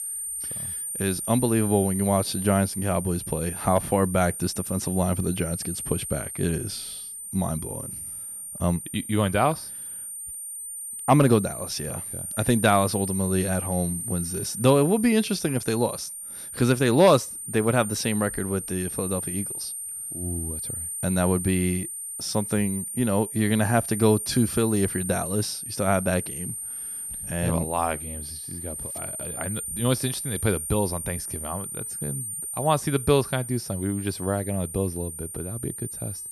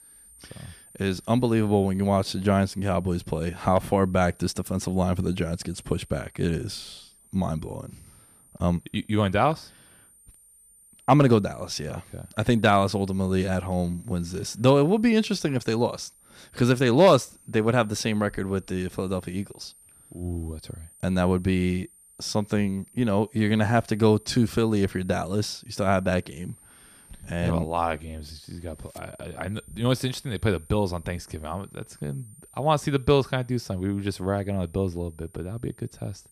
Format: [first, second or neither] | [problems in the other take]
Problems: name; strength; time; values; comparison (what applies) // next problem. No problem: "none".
second | high-pitched whine; loud; throughout; 9 kHz, 6 dB below the speech; faint in the second